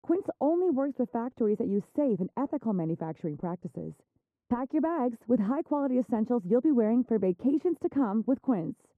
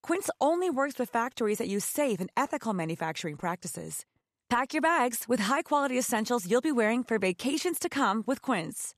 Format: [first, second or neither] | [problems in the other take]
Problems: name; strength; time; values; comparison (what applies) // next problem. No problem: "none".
second | muffled; very; fading above 1.5 kHz